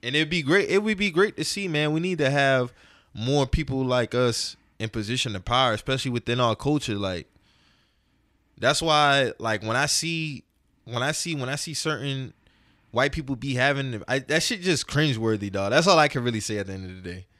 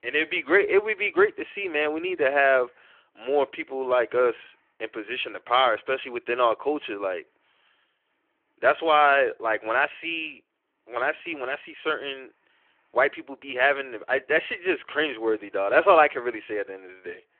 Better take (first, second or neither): first